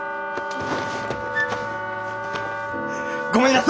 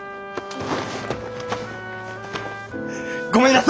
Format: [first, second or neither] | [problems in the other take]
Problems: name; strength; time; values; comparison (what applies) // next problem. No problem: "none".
second | background sound (Wind instrument, woodwind instrument + Wind instrument, woodwind instrument); 3 dB below the speech